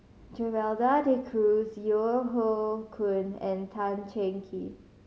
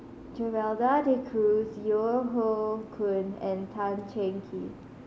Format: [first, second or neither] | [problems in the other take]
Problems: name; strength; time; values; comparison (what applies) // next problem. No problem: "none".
first | background sound (Boat, Water vehicle); 17 dB below the speech